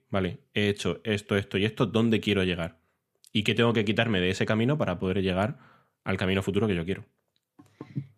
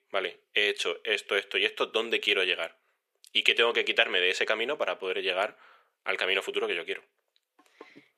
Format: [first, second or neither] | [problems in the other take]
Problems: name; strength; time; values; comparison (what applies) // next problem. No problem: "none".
first | thin; very; fading below 450 Hz